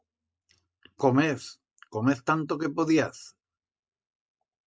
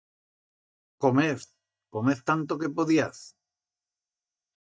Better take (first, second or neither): first